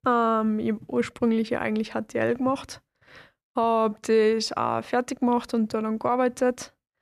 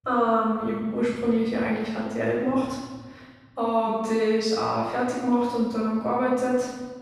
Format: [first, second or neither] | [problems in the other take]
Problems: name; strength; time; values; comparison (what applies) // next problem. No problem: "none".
first | off-mic speech; far // room echo; strong; dies away in 1.3 s